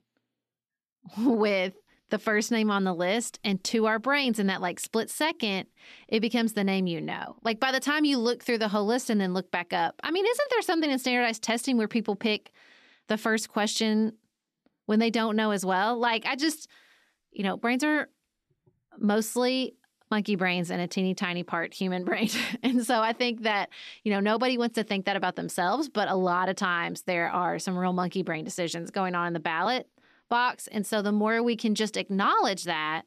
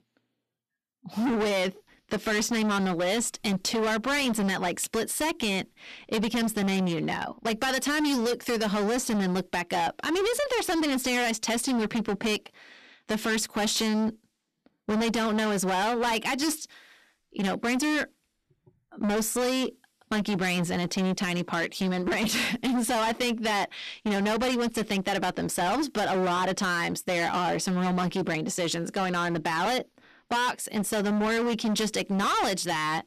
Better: first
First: none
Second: distortion; heavy; 27% of the sound clipped

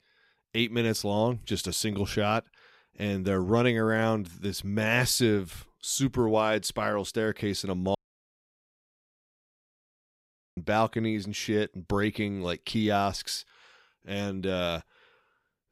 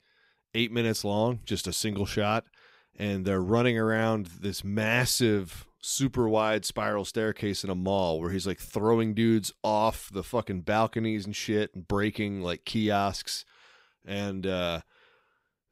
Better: second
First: audio cutting out; at 8 s for 2.5 s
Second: none

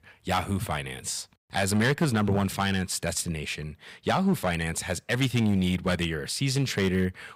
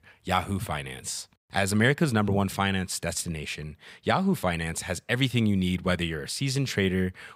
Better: second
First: distortion; slight; 4% of the sound clipped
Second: none

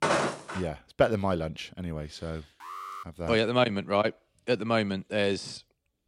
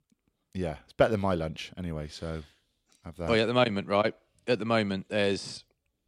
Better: second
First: footsteps; loud; at the start; peak 2 dB above the speech // alarm; faint; at 2.5 s; peak 10 dB below the speech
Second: none

